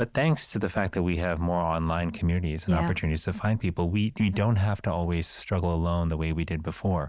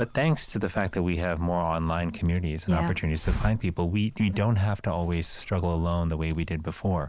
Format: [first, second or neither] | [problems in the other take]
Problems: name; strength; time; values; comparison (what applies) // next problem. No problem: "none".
first | background sound (Hiss); 13 dB below the speech